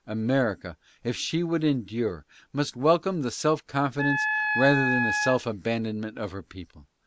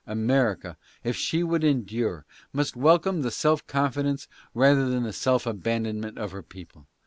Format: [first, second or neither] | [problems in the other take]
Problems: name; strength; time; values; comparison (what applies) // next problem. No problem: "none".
second | background sound (Wind instrument, woodwind instrument); 1 dB below the speech